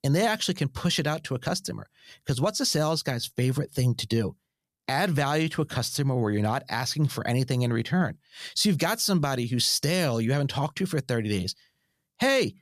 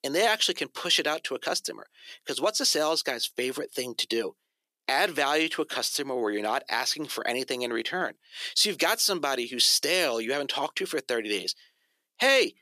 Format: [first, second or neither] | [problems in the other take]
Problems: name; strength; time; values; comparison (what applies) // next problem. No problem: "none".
first | thin; very; fading below 350 Hz